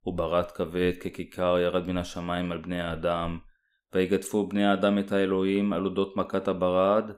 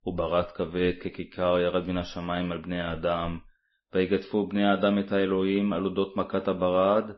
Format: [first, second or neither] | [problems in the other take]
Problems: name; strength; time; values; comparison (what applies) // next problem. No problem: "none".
first | garbled, watery; slightly; nothing above 5.5 kHz